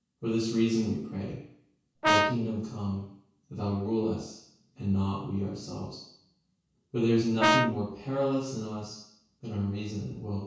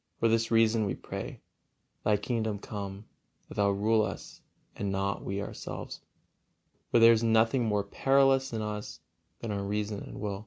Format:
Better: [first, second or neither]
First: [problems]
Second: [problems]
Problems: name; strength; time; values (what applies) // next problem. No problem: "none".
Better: second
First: background sound (Brass instrument); 4 dB above the speech // room echo; dies away in 0.6 s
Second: none